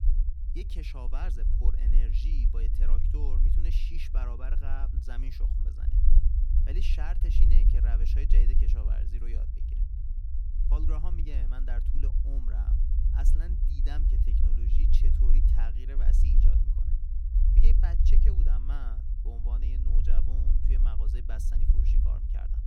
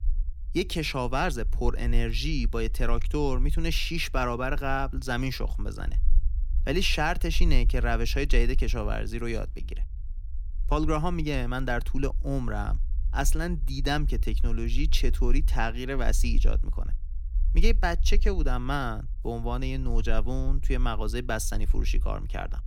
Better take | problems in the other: second | low rumble; loud; throughout; 2 dB below the speech; faint in the second

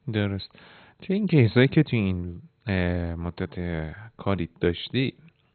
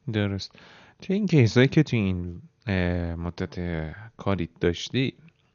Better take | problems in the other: second | garbled, watery; badly; nothing above 4 kHz; slightly in the second

